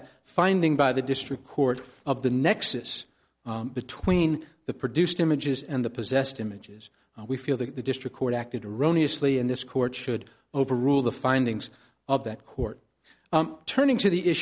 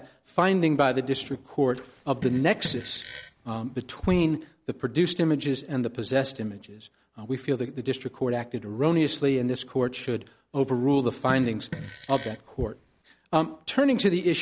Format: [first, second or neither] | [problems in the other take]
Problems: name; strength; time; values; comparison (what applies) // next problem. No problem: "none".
first | background sound (Fart); 14 dB below the speech